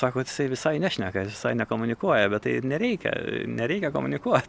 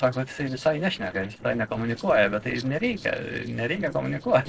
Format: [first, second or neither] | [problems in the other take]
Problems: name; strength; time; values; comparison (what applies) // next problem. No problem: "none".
first | noise reduction (neural separator model SepFormer DNS4)